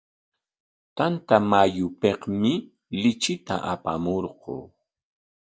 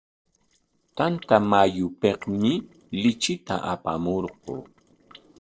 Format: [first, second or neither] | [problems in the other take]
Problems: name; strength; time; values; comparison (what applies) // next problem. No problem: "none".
first | noise reduction (neural separator model SepFormer DNS4)